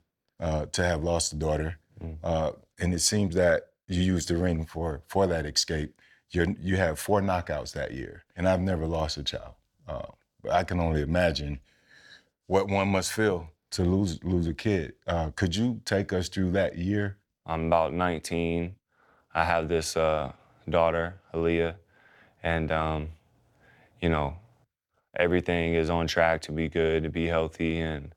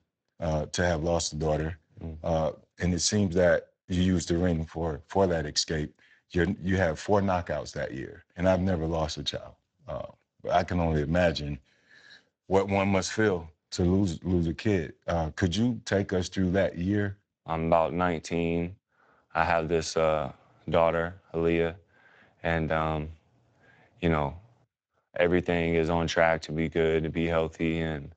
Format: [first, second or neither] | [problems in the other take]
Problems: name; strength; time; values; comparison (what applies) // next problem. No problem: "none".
first | garbled, watery; slightly; nothing above 8 kHz